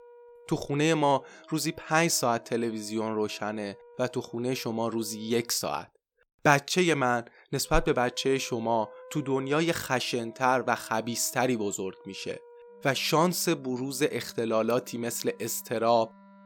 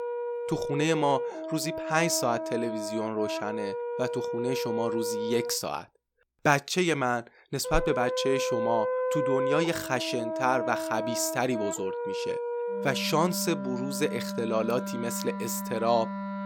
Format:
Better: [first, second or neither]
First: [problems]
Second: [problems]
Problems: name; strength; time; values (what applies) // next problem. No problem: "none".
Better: first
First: background music; faint; throughout; 25 dB below the speech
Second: background music; loud; throughout; 3 dB below the speech